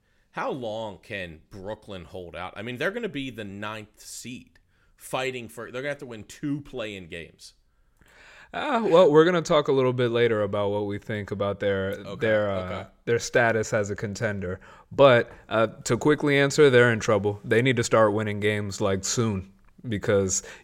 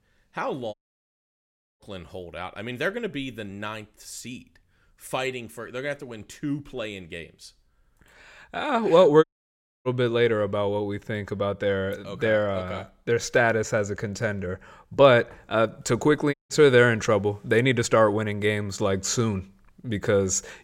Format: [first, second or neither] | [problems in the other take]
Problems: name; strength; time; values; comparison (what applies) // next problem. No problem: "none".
first | audio cutting out; at 0.5 s for 1 s, at 9 s for 0.5 s and at 16 s